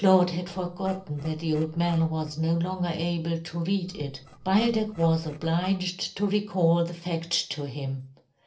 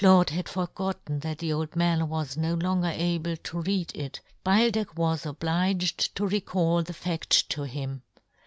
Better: second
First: noise reduction (neural separator model SepFormer DNS4)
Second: none

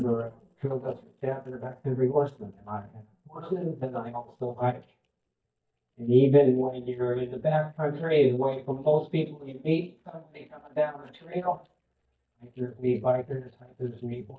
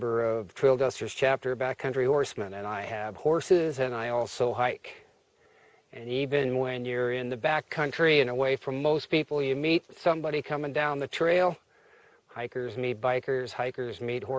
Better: second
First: noise reduction (neural mask model DeepFilterNet 3)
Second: none

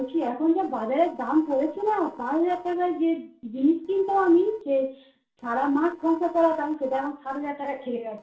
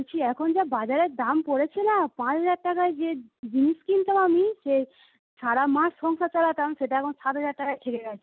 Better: second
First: noise reduction (neural separator model SepFormer DNS4)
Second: none

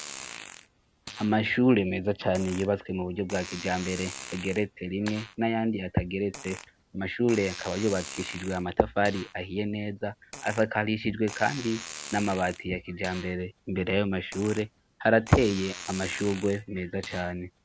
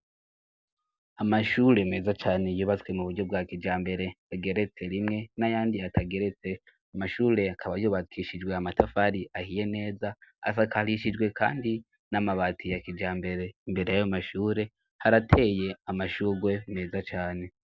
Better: second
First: background sound (Fart); 15 dB below the speech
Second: none

